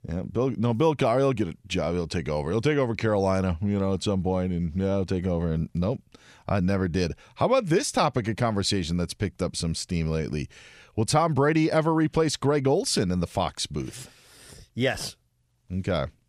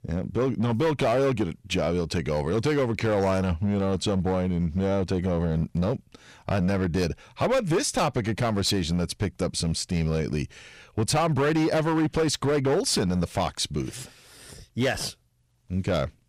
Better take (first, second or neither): first